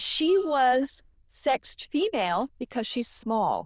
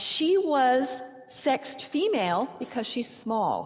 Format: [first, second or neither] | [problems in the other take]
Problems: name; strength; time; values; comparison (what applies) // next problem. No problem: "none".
second | noise reduction (neural diffusion model UNIVERSE++)